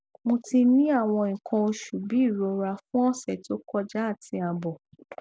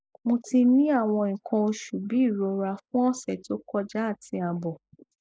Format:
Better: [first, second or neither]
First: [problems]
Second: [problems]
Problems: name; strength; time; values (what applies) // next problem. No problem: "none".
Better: first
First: none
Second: noise reduction (neural mask model Resemble Enhance denoiser)